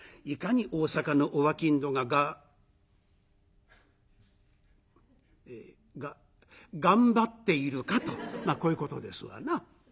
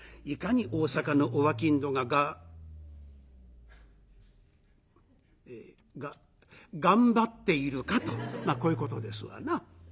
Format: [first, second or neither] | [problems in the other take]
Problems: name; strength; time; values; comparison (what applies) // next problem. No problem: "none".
first | background sound (Engine starting / Car); 14 dB below the speech